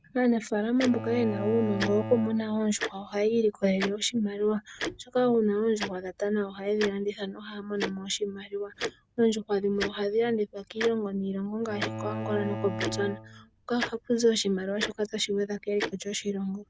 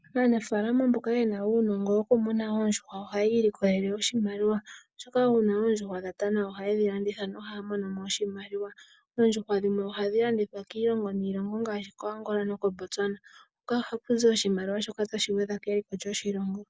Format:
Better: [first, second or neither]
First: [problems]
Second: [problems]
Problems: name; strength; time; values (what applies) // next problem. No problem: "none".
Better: second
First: background sound (Bowed string instrument + Tick-tock); 10 dB below the speech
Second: none